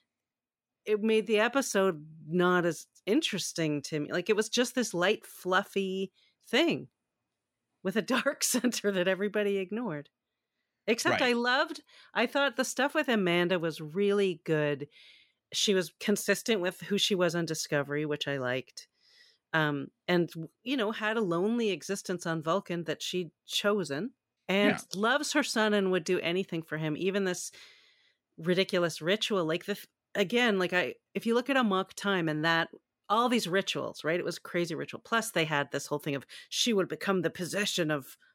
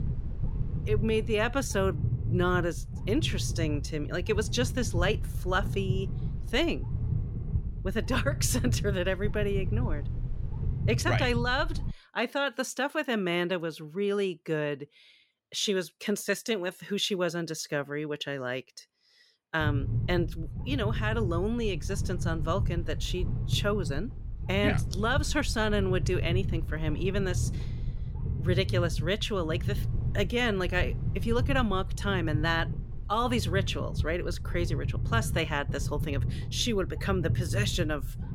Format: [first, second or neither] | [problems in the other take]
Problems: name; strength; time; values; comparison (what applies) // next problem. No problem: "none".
first | low rumble; noticeable; until 12 s and from 20 s on; 15 dB below the speech